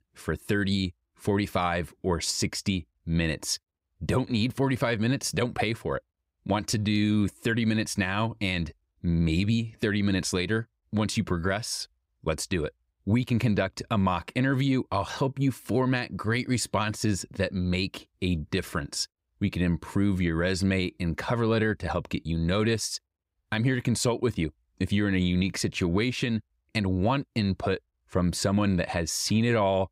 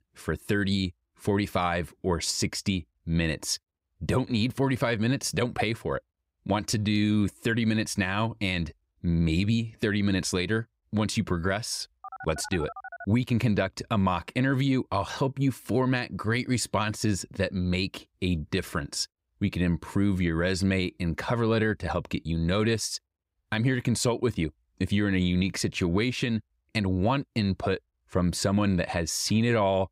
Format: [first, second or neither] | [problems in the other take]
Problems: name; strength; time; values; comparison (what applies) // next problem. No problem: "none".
first | phone ringing; faint; from 12 to 13 s; peak 15 dB below the speech